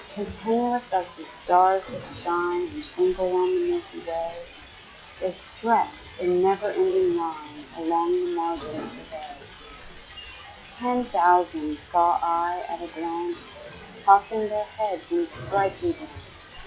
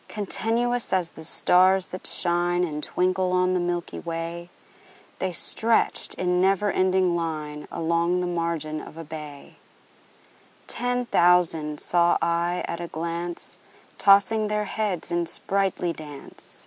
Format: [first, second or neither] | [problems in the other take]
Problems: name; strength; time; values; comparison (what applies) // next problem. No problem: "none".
second | noise reduction (classical method log-MMSE)